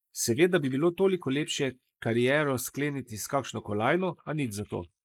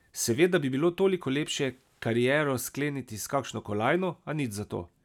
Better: second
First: noise reduction (neural mask model Resemble Enhance denoiser)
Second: none

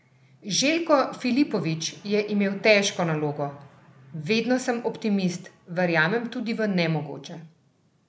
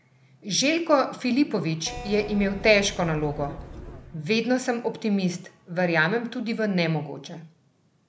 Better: first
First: none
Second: background sound (Keyboard (musical)); 12 dB below the speech

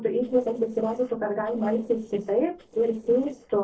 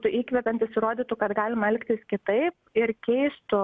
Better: second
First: noise reduction (neural separator model SepFormer DNS4)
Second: none

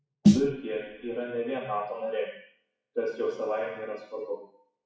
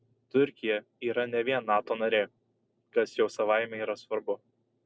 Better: second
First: noise reduction (classical method WPE with log-MMSE)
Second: none

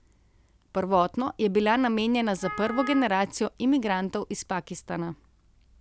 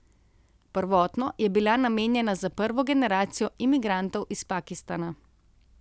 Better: second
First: background sound (Wind instrument, woodwind instrument); 12 dB below the speech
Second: none

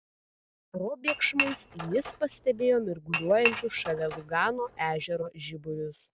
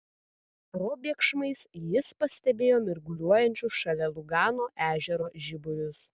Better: second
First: background sound (Dishes, pots, and pans / Chink, clink); 5 dB below the speech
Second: none

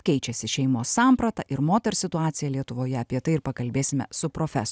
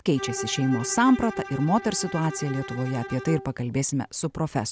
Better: first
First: none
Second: background sound (Bowed string instrument); 12 dB below the speech

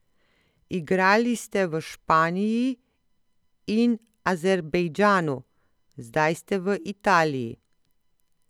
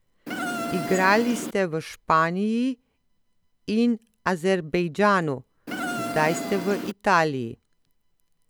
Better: first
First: none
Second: background sound (Insect); 5 dB below the speech

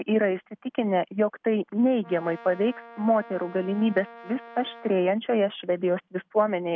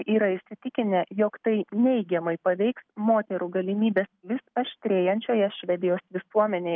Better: second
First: background sound (Brass instrument); 20 dB below the speech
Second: none

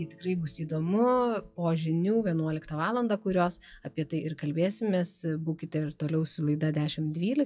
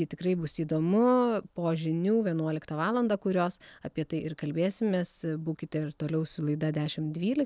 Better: second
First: noise reduction (classical method WPE with log-MMSE)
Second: none

